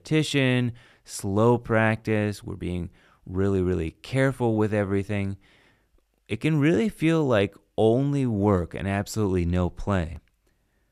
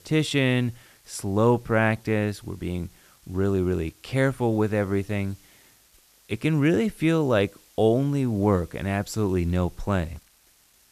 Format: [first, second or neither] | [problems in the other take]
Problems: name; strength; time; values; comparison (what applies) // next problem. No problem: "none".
first | hiss; faint; throughout; 30 dB below the speech